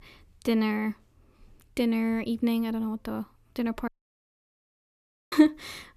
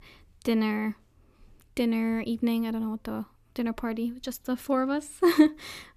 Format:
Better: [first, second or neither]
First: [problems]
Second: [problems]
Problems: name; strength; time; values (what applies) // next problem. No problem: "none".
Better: second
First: audio cutting out; at 4 s for 1.5 s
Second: none